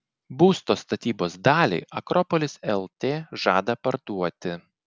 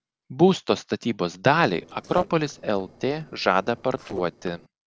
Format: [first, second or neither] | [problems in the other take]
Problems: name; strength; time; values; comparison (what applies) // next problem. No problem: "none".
first | noise reduction (neural separator model SepFormer DNS4)